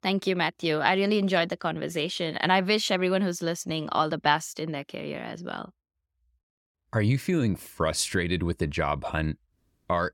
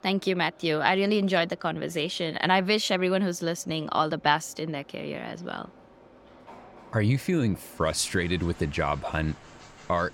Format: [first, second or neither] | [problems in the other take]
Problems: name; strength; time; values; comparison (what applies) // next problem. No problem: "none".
first | train or aircraft noise; faint; throughout; 25 dB below the speech